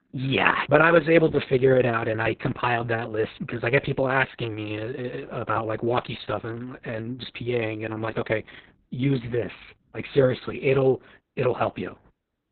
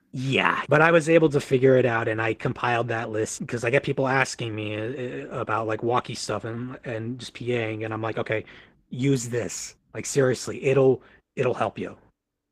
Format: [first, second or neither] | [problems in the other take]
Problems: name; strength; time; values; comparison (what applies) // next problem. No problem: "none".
second | garbled, watery; badly; nothing above 4 kHz; slightly in the second